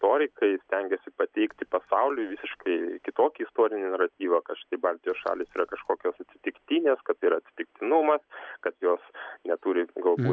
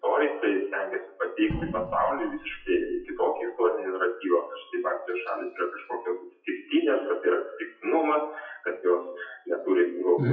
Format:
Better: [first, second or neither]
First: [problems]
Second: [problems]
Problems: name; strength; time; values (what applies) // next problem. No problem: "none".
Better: first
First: none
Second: noise reduction (classical method WPE with log-MMSE)